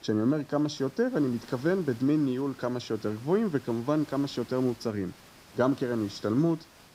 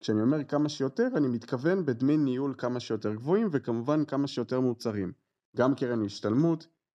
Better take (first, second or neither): second